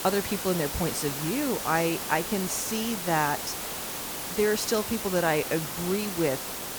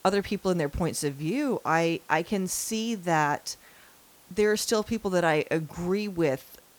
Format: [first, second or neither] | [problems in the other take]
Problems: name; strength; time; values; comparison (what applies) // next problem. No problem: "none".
second | hiss; loud; throughout; 4 dB below the speech; faint in the second